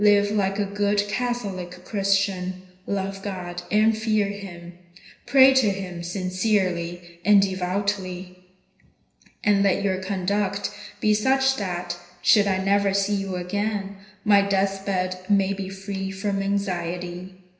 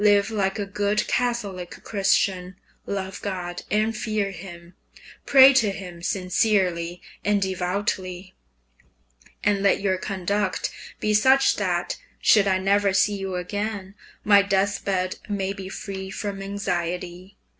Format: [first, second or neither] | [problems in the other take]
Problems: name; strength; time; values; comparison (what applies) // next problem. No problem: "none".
second | room echo; dies away in 0.9 s